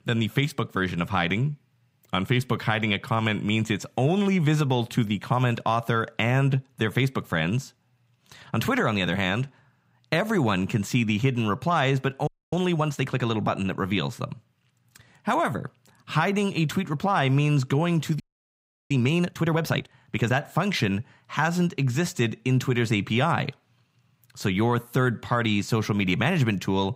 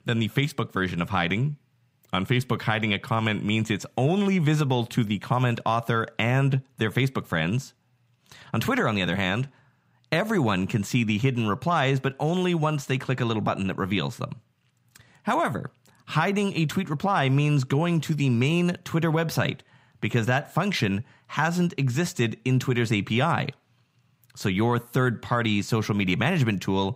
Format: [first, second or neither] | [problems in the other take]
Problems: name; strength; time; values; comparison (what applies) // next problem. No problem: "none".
second | audio freezing; at 12 s and at 18 s for 0.5 s